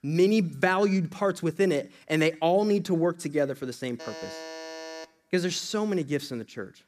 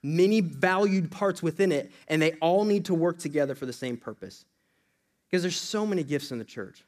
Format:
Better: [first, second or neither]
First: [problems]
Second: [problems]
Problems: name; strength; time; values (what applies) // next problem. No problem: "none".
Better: second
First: alarm; faint; from 4 to 5 s; peak 10 dB below the speech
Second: none